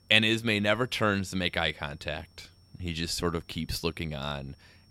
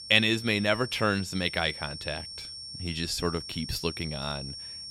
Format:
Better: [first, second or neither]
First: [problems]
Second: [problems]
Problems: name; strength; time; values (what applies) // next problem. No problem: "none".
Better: first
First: high-pitched whine; faint; throughout; 5.5 kHz, 35 dB below the speech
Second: high-pitched whine; loud; throughout; 5.5 kHz, 9 dB below the speech